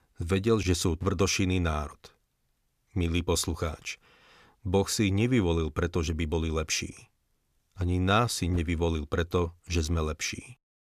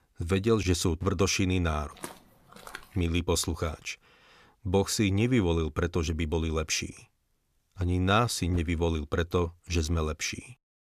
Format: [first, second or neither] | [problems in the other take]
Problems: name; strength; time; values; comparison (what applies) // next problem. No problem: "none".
first | footsteps; faint; at 2 s; peak 15 dB below the speech